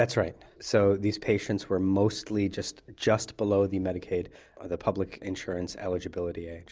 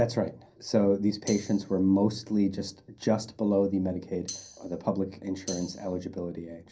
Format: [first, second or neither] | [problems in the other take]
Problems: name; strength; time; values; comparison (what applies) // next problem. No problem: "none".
first | background sound (Tambourine); 14 dB below the speech // room echo; dies away in 0.3 s